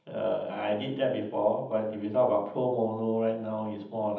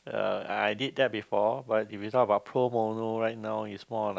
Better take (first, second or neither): second